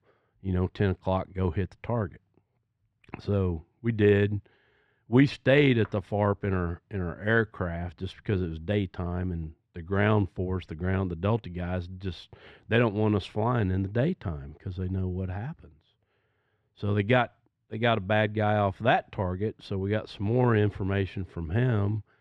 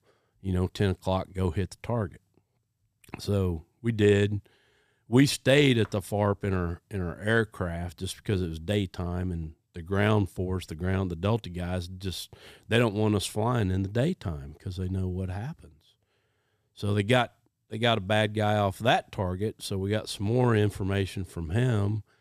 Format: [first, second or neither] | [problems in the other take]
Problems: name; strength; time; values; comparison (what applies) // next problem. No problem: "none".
second | muffled; slightly; fading above 2 kHz